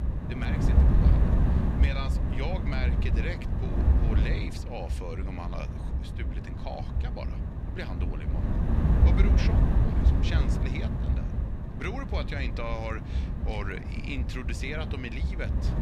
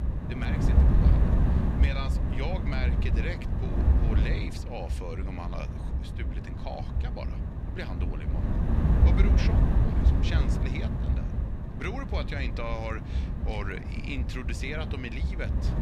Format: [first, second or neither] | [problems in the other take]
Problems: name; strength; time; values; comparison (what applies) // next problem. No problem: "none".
neither | wind noise on the microphone; heavy; 1 dB below the speech; the same in both